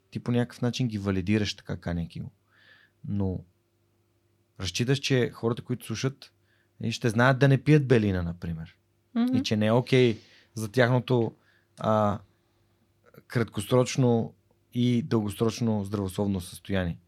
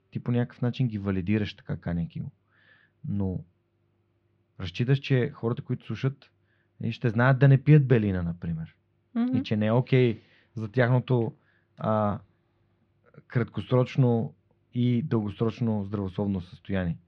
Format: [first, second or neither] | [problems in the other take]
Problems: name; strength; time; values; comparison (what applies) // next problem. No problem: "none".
first | muffled; slightly; fading above 3 kHz